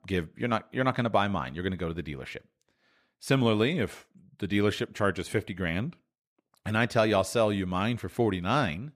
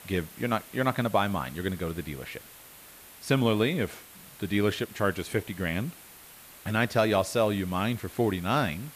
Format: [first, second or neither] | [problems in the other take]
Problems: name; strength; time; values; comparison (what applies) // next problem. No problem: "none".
first | hiss; noticeable; throughout; 20 dB below the speech